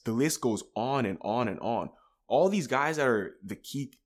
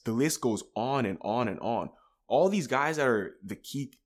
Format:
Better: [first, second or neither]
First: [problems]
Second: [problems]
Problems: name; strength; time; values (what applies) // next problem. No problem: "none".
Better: neither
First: none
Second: none